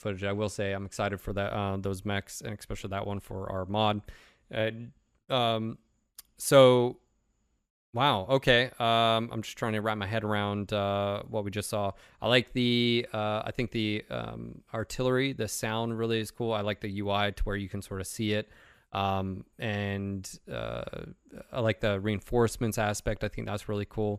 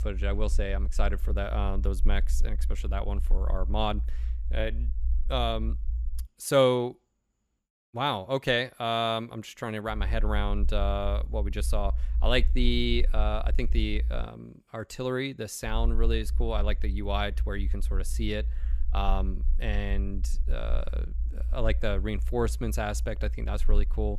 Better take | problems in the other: first | low rumble; faint; until 6 s, from 10 to 14 s and from 16 s on; 20 dB below the speech

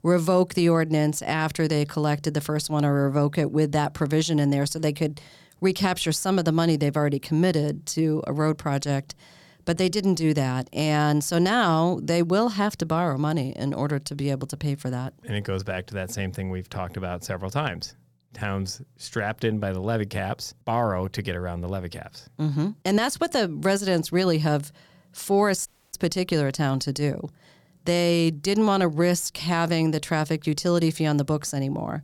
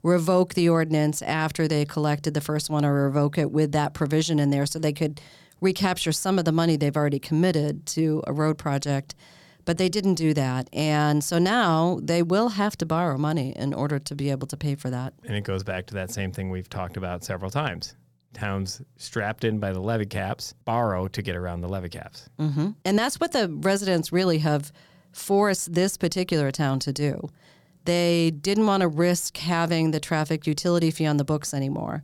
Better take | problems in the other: second | audio cutting out; at 26 s

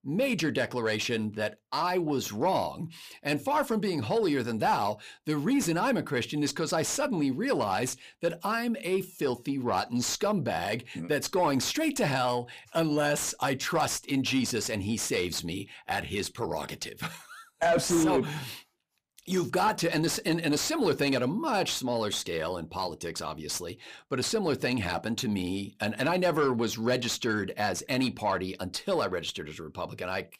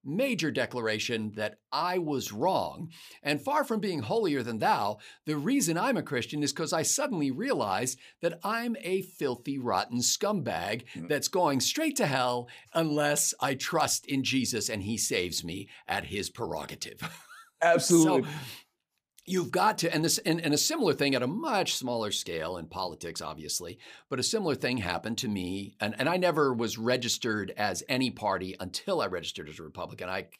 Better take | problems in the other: second | distortion; slight; 10 dB below the speech

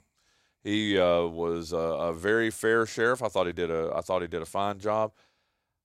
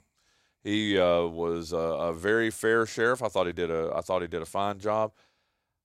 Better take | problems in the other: neither | none

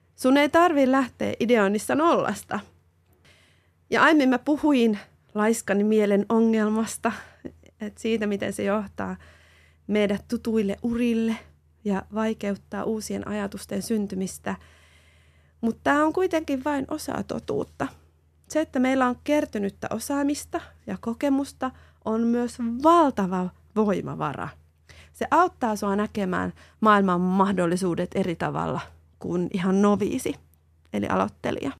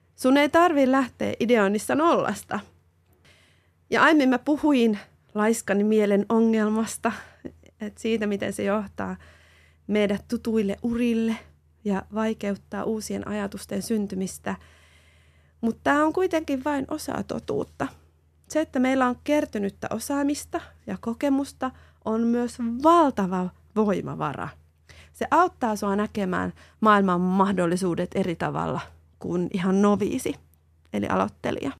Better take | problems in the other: neither | none

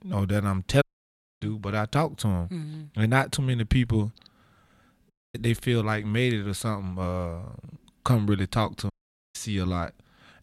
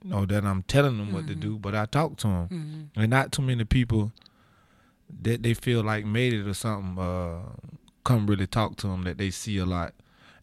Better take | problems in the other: second | audio cutting out; at 1 s for 0.5 s, at 5 s and at 9 s

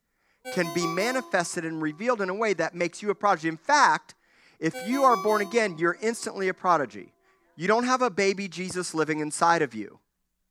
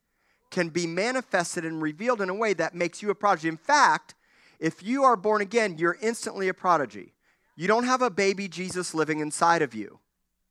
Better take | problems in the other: second | phone ringing; noticeable; until 5.5 s; peak 8 dB below the speech

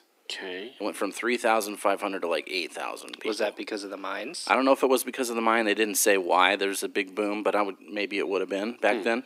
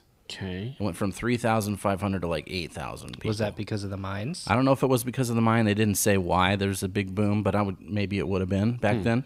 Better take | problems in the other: second | thin; somewhat; fading below 300 Hz

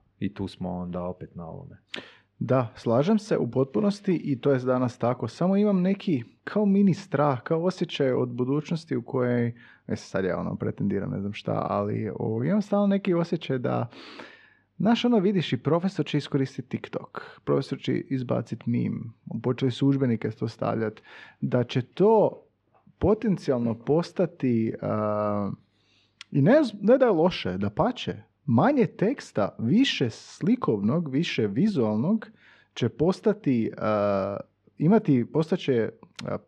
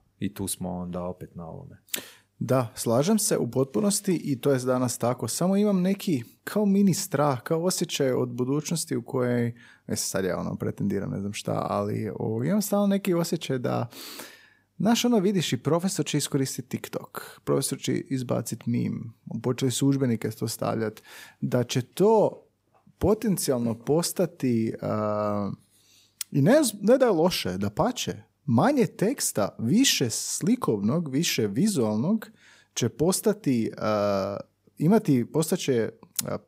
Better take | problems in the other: second | muffled; slightly; fading above 3.5 kHz

